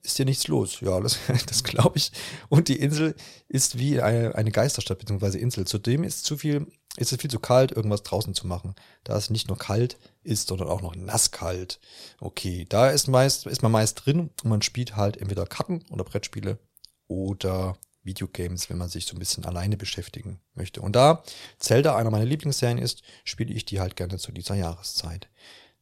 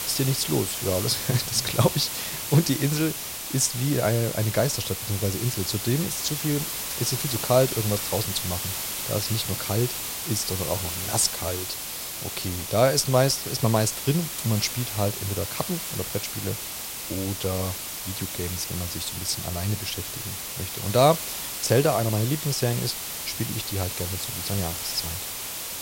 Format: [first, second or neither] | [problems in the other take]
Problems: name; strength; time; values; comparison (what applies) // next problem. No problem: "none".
first | hiss; loud; throughout; 4 dB below the speech